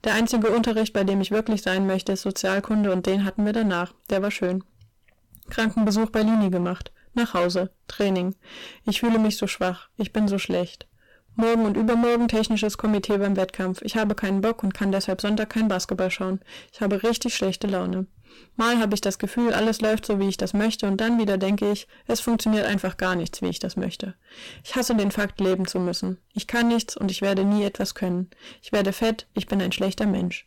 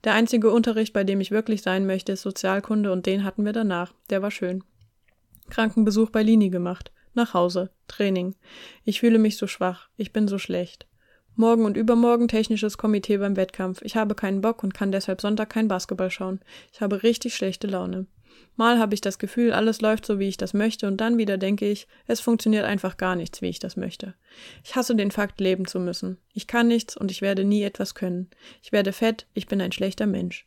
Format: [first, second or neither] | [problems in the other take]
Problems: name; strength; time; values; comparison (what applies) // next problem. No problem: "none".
second | distortion; heavy; 15% of the sound clipped